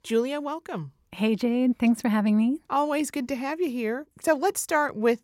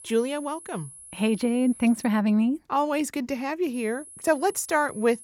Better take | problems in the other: first | high-pitched whine; noticeable; until 2 s and from 3.5 s on; 10.5 kHz, 20 dB below the speech

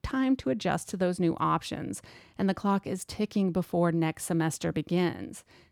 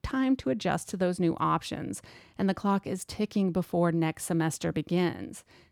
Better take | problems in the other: neither | none

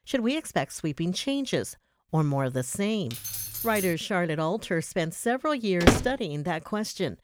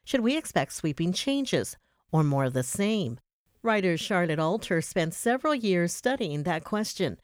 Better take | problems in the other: second | jangling keys; noticeable; at 3 s; peak 3 dB below the speech // door banging; loud; at 6 s; peak 6 dB above the speech

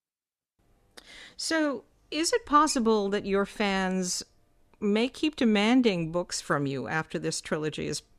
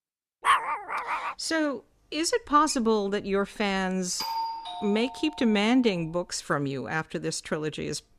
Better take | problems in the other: first | dog barking; loud; at 0.5 s; peak 3 dB above the speech // doorbell; noticeable; from 4 to 5.5 s; peak 4 dB below the speech

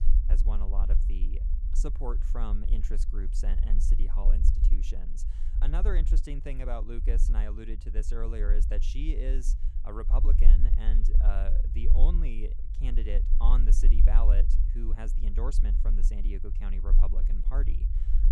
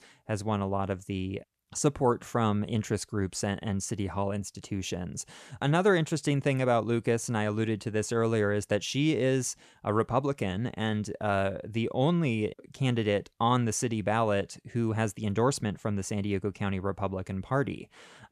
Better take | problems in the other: second | low rumble; loud; throughout; 8 dB below the speech

